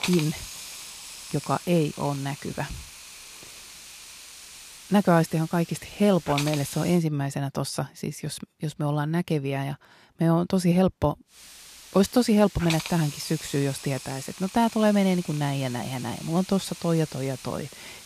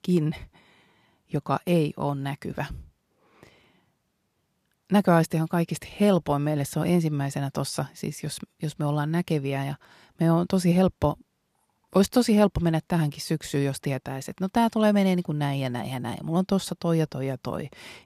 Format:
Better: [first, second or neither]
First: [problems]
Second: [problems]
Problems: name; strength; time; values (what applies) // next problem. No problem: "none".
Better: second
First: hiss; noticeable; until 7 s and from 11 s on; 15 dB below the speech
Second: none